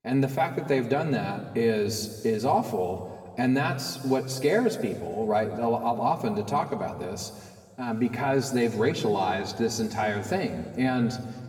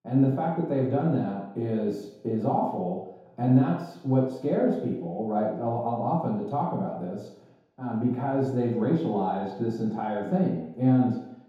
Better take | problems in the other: first | room echo; strong; dies away in 0.8 s; slight in the first // off-mic speech; far; far in the first

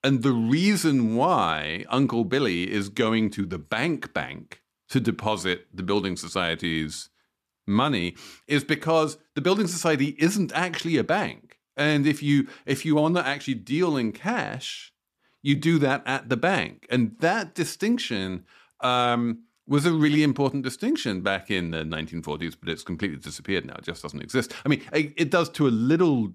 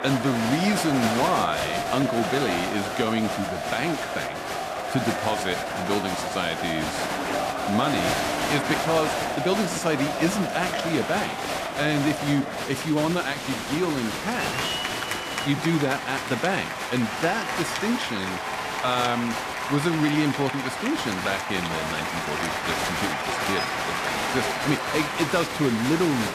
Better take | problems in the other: first | crowd noise; loud; throughout; 1 dB below the speech

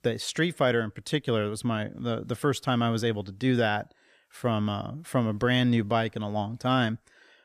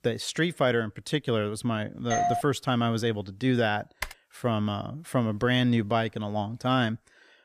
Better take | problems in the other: first | doorbell; loud; at 2 s; peak level with the speech // keyboard typing; noticeable; at 4 s; peak 10 dB below the speech

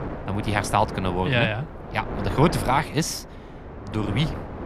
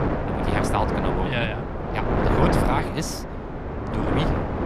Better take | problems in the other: first | wind noise on the microphone; heavy; 2 dB above the speech; occasional gusts in the first

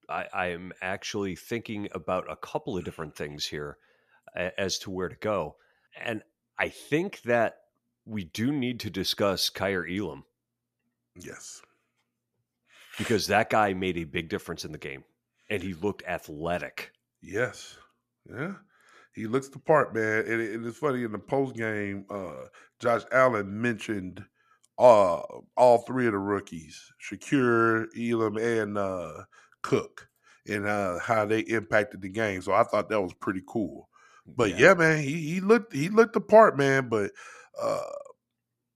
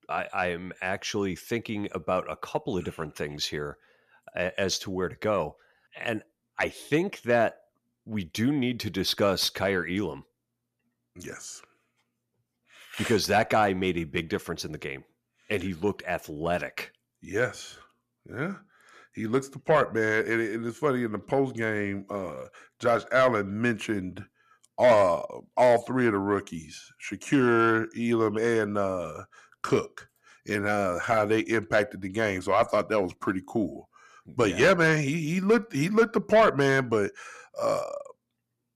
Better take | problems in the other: first | distortion; slight; 10 dB below the speech

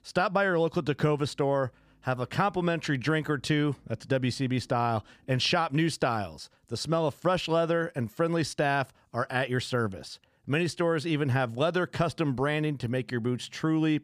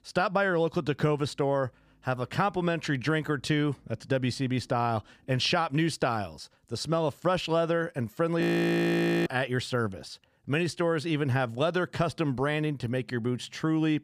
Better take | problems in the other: first | audio freezing; at 8.5 s for 1 s

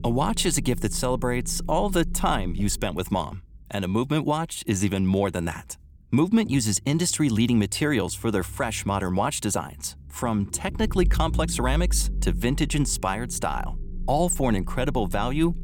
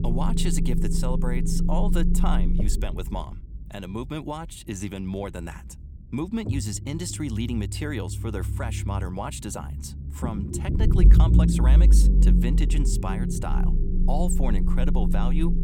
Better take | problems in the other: first | low rumble; loud; throughout; 3 dB below the speech; faint in the first

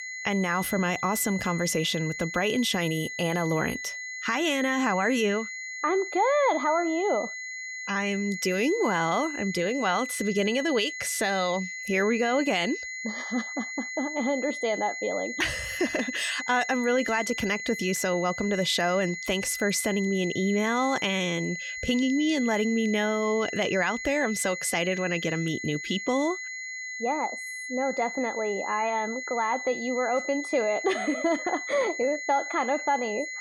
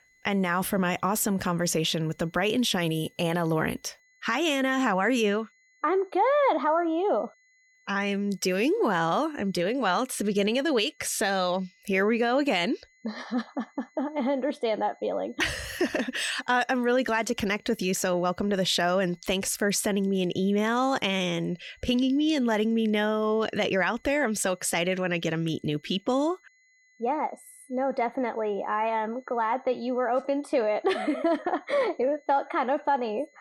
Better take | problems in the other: second | high-pitched whine; loud; throughout; 2 kHz, 7 dB below the speech; faint in the second

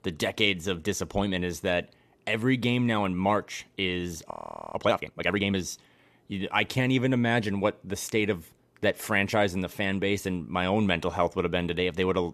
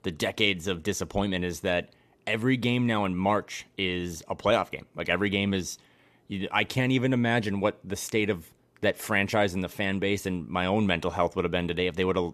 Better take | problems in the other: second | audio freezing; at 4.5 s

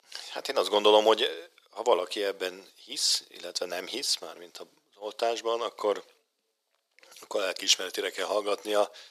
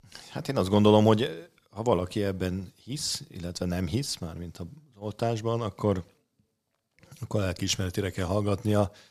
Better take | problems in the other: second | thin; very; fading below 400 Hz

